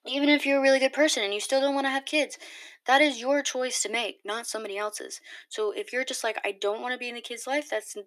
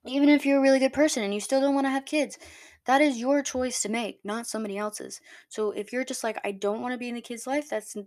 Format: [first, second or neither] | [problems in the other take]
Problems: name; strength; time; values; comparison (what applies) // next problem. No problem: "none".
second | thin; very slightly; fading below 300 Hz